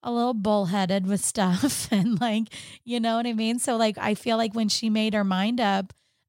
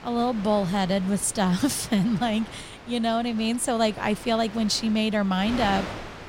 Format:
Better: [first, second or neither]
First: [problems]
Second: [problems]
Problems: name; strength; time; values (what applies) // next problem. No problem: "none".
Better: first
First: none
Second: wind noise on the microphone; occasional gusts; 15 dB below the speech